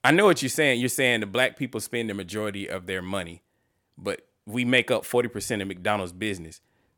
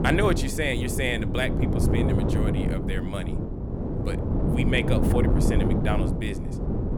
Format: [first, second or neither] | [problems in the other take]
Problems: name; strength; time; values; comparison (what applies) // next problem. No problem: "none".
first | wind noise on the microphone; heavy; 3 dB below the speech